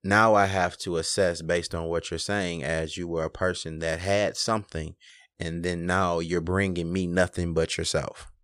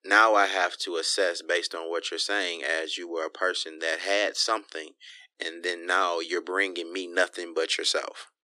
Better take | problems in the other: first | thin; very; fading below 300 Hz

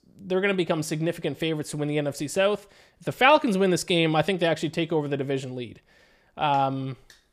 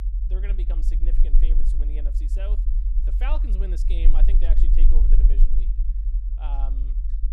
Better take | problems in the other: first | low rumble; loud; throughout; 6 dB below the speech

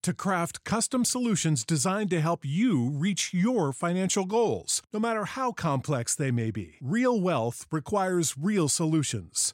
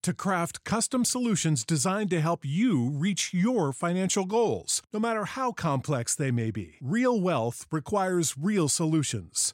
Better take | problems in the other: neither | none

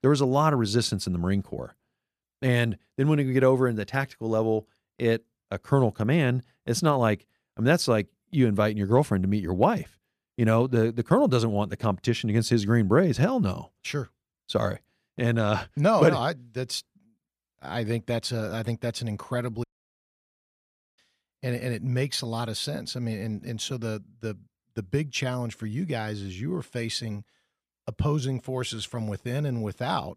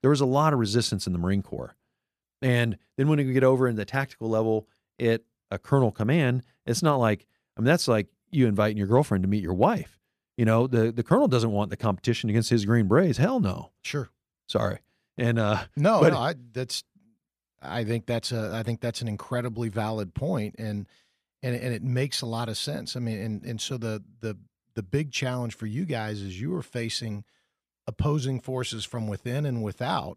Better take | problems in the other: second | audio cutting out; at 20 s for 1.5 s

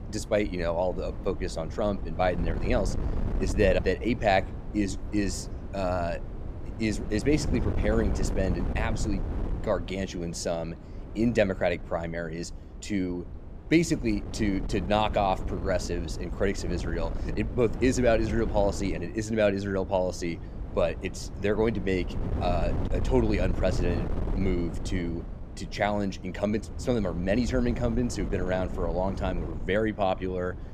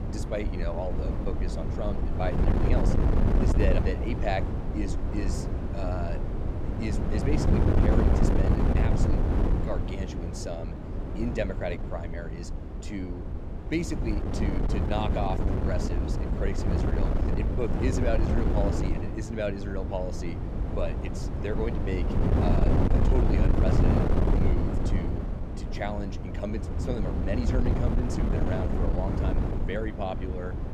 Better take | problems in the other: first | wind noise on the microphone; heavy; as loud as the speech; occasional gusts in the first

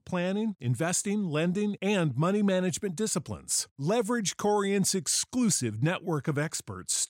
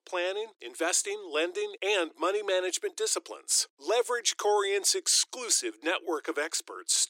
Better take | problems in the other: first | thin; very; fading below 350 Hz

